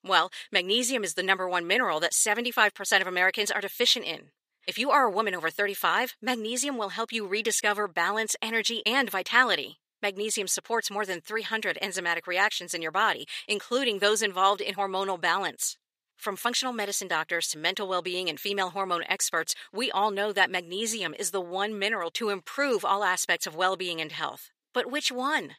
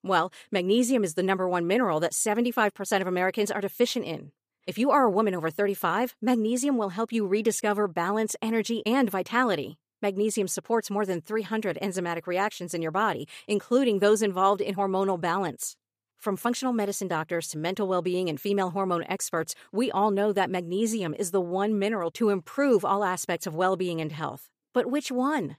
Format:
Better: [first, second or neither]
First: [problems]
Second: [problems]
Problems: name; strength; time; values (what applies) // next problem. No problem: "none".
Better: second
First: thin; somewhat; fading below 850 Hz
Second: none